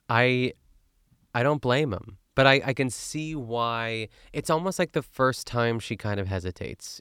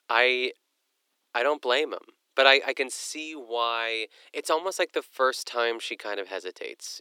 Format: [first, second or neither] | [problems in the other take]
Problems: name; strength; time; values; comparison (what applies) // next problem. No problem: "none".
first | thin; very; fading below 350 Hz